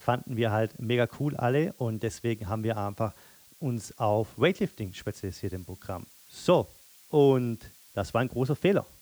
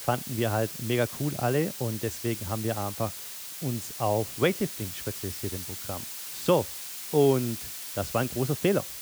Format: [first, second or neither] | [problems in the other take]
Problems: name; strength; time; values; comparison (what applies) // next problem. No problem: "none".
first | hiss; loud; throughout; 7 dB below the speech; faint in the first